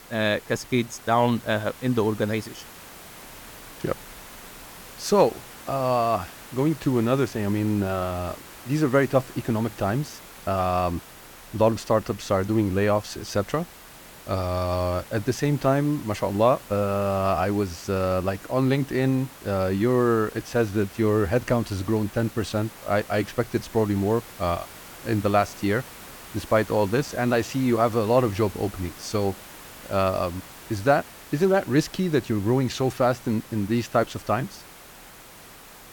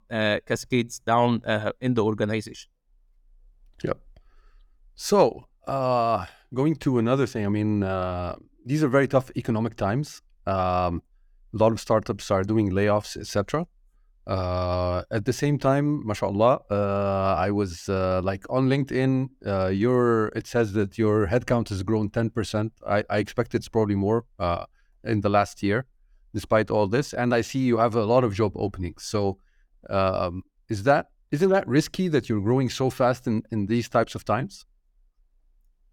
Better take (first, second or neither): second